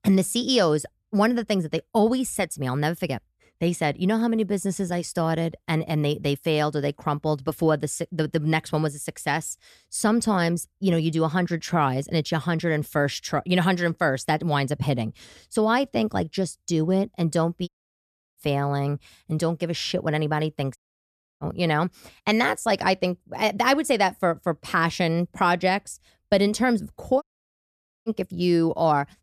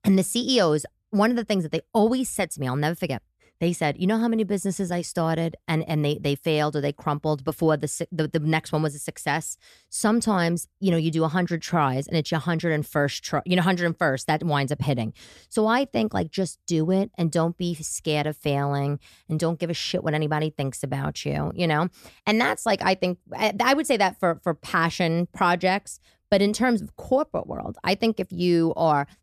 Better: second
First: audio cutting out; at 18 s for 0.5 s, at 21 s for 0.5 s and at 27 s for 1 s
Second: none

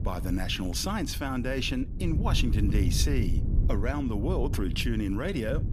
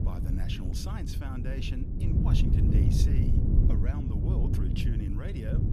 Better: first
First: wind noise on the microphone; occasional gusts; 10 dB below the speech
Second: wind noise on the microphone; heavy; 2 dB above the speech

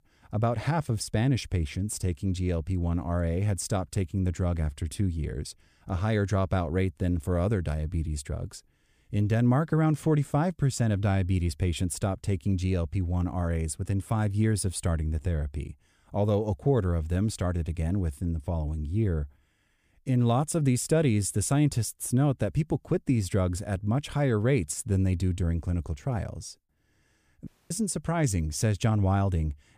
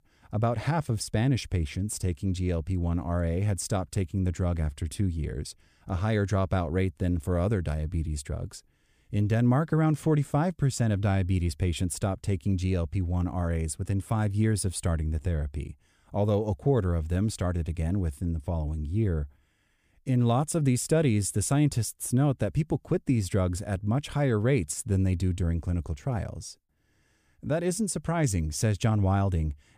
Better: second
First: audio cutting out; at 27 s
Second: none

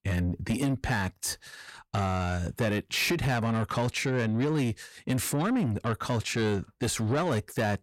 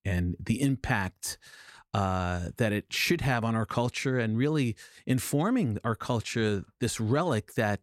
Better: second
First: distortion; slight; 10 dB below the speech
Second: none

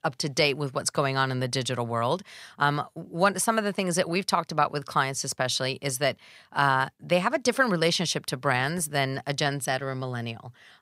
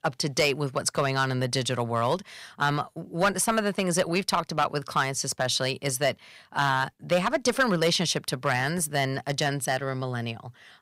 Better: first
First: none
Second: distortion; slight; 2% of the sound clipped

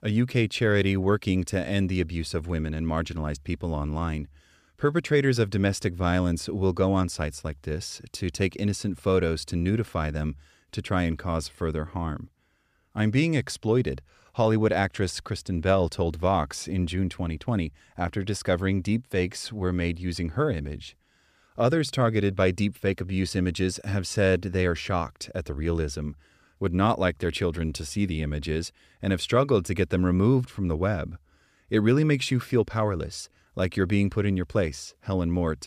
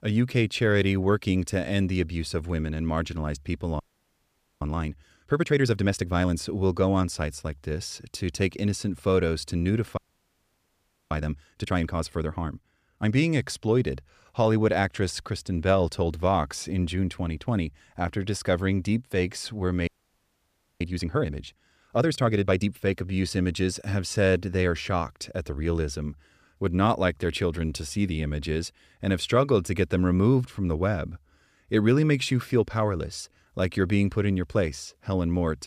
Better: first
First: none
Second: audio freezing; at 4 s for 1 s, at 10 s for 1 s and at 20 s for 1 s

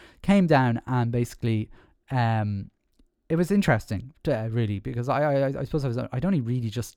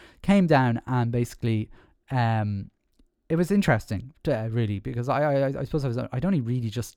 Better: neither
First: none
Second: none

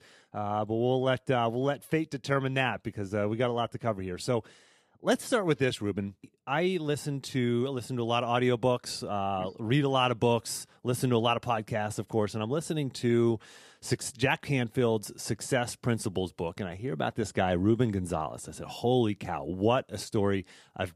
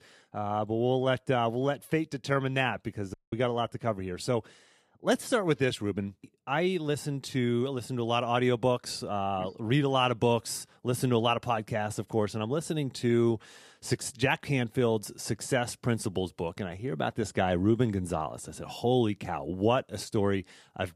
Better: first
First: none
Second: audio cutting out; at 3 s

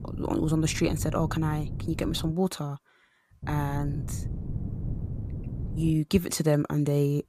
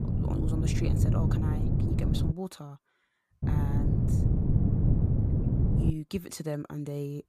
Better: first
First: wind noise on the microphone; occasional gusts; until 2.5 s and from 3.5 to 6 s; 15 dB below the speech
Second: wind noise on the microphone; heavy; until 2.5 s and from 3.5 to 6 s; 3 dB above the speech

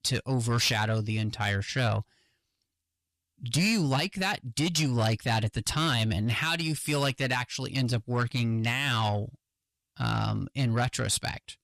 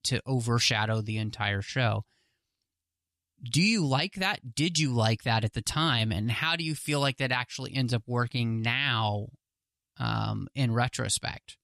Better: second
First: distortion; slight; 10 dB below the speech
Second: none

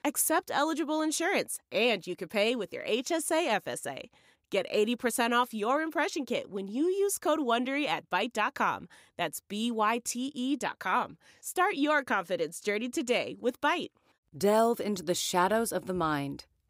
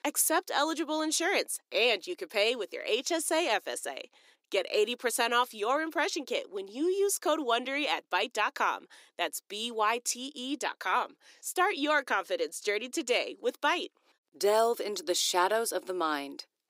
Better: first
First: none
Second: thin; somewhat; fading below 350 Hz

